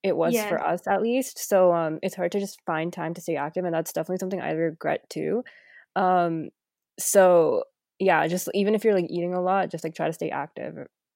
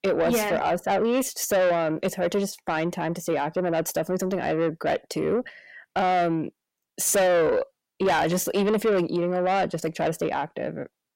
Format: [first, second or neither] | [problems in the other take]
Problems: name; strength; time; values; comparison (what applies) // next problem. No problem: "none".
first | distortion; heavy; 8 dB below the speech